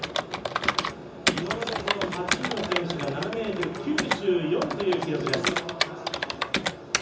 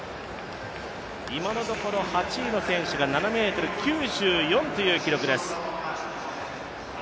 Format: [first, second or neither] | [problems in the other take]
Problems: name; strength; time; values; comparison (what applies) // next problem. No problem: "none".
second | background sound (Computer keyboard); as loud as the speech // room echo; dies away in 0.6 s